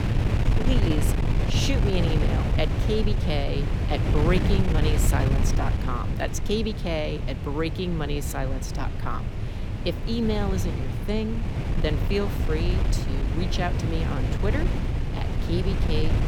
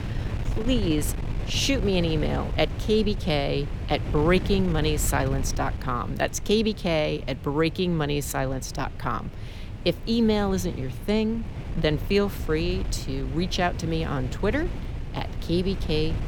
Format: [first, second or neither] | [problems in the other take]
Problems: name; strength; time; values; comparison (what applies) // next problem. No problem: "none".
second | wind noise on the microphone; heavy; 4 dB below the speech; occasional gusts in the second